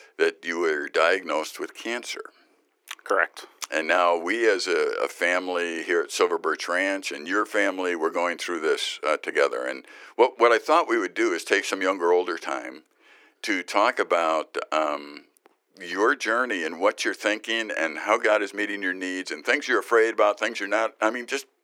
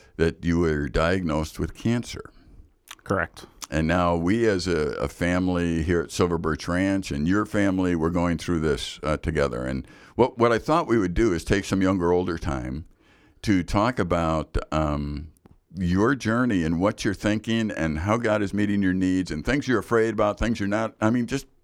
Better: second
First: thin; very; fading below 350 Hz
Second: none

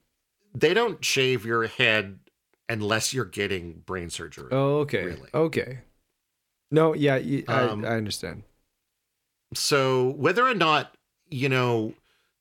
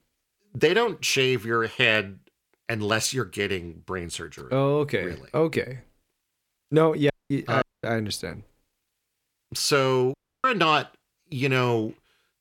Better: first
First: none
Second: audio cutting out; at 7 s, at 7.5 s and at 10 s

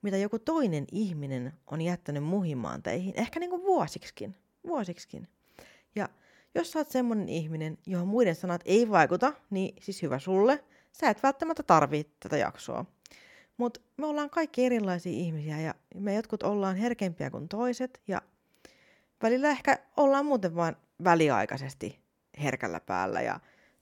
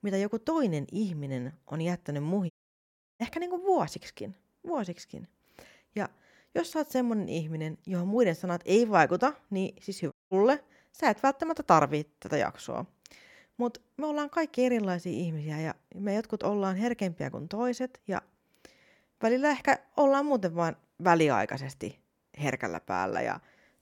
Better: first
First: none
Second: audio cutting out; at 2.5 s for 0.5 s and at 10 s

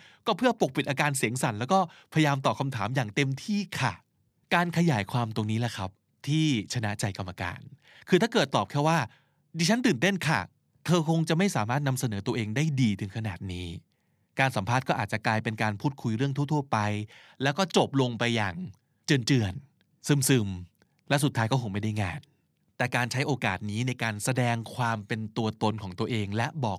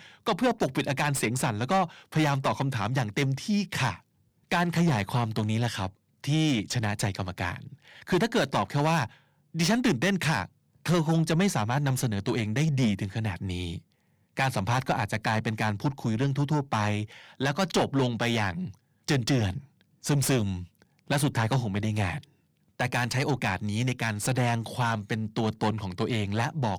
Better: first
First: none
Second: distortion; slight; 10 dB below the speech

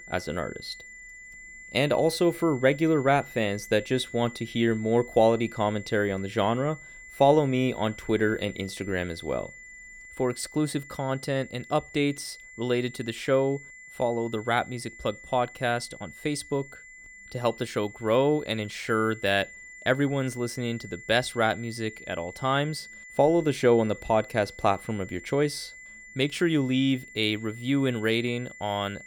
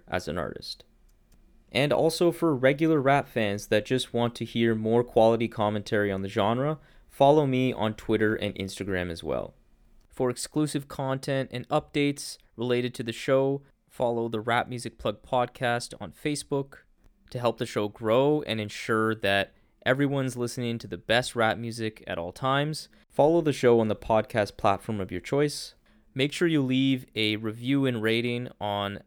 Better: second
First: high-pitched whine; noticeable; throughout; 2 kHz, 15 dB below the speech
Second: none

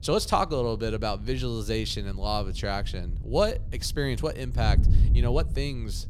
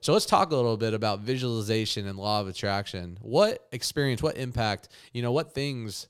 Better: second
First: wind noise on the microphone; occasional gusts; 20 dB below the speech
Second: none

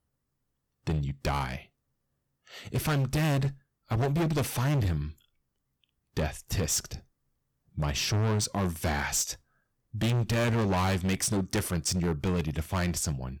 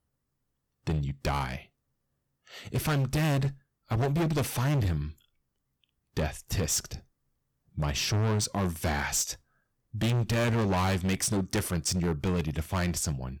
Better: neither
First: distortion; heavy; 15% of the sound clipped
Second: distortion; heavy; 15% of the sound clipped

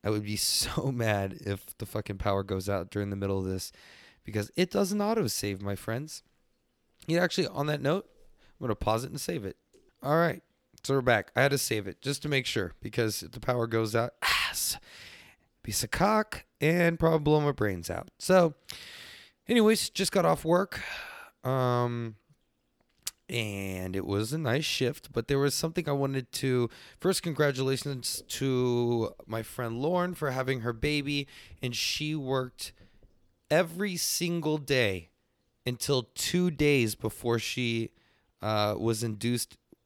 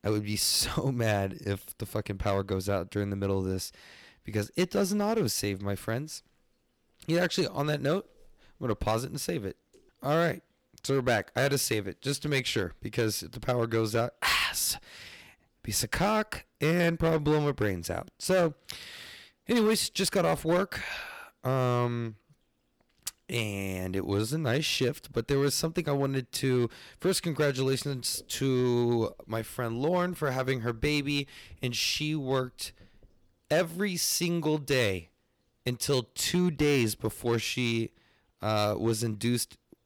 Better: first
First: none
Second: distortion; slight; 4% of the sound clipped

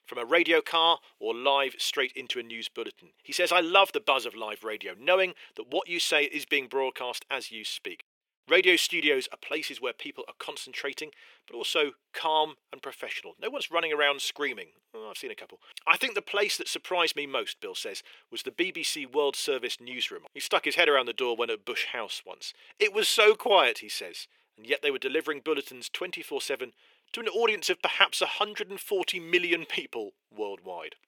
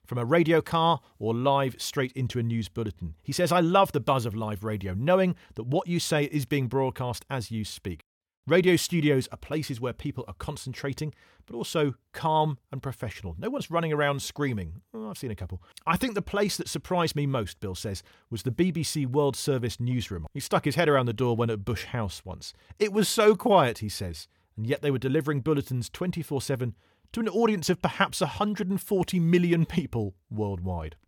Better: second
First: thin; very; fading below 350 Hz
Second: none

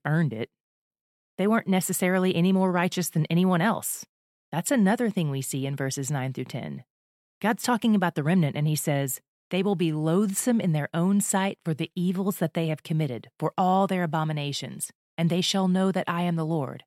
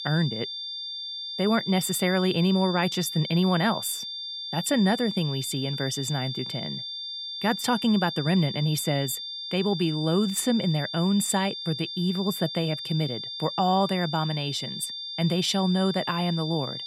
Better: first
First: none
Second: high-pitched whine; loud; throughout; 3.5 kHz, 6 dB below the speech

